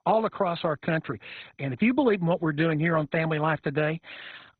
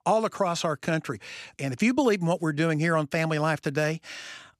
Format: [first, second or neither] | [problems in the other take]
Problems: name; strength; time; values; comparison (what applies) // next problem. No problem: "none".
second | garbled, watery; badly; nothing above 4 kHz